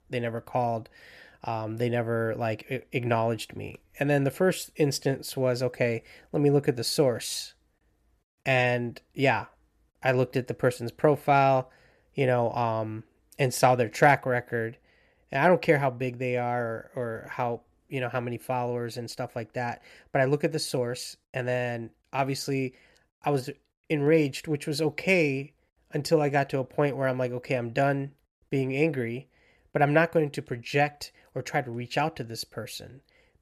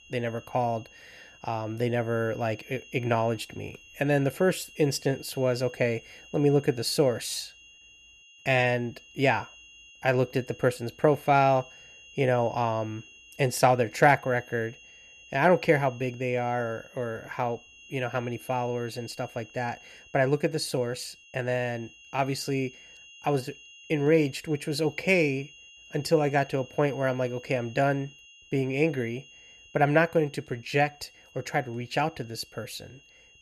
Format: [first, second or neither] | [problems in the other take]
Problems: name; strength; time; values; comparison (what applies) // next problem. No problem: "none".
first | high-pitched whine; faint; throughout; 3 kHz, 20 dB below the speech